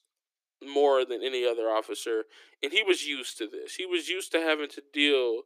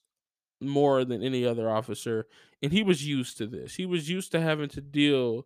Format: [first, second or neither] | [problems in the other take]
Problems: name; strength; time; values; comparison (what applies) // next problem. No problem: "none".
second | thin; somewhat; fading below 300 Hz